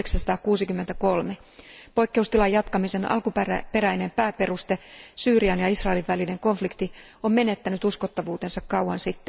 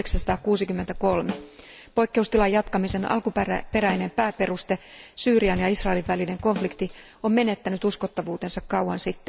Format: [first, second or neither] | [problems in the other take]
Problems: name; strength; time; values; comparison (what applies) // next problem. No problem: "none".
first | background sound (Drum kit); 15 dB below the speech